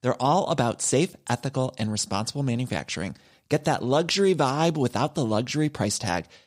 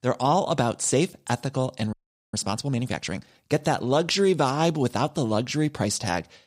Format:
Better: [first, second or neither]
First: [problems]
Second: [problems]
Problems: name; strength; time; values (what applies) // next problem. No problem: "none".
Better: first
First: none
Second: audio freezing; at 2 s